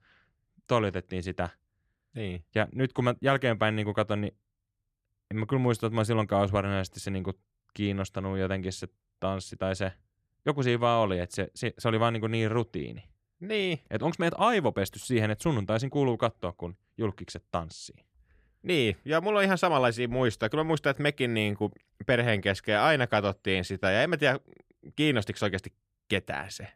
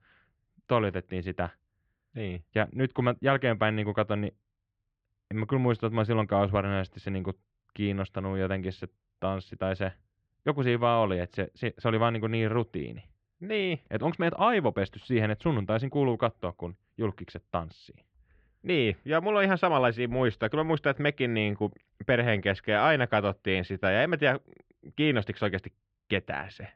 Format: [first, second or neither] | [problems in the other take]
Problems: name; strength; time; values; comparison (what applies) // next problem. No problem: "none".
first | muffled; slightly; fading above 3.5 kHz